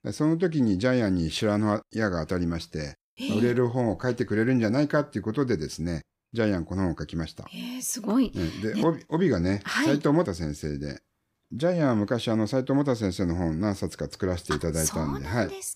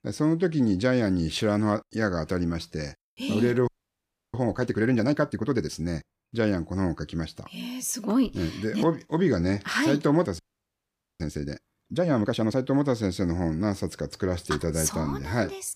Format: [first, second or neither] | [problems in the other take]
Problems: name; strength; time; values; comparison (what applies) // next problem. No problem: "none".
first | audio freezing; at 3.5 s for 0.5 s and at 10 s for 1 s